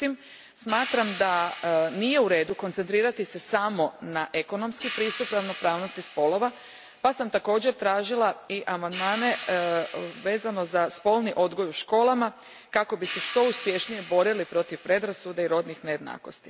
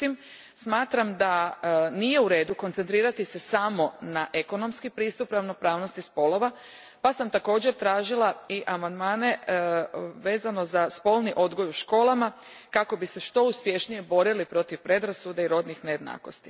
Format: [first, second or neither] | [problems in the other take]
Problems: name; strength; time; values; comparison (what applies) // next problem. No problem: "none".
second | background sound (Hi-hat); 15 dB below the speech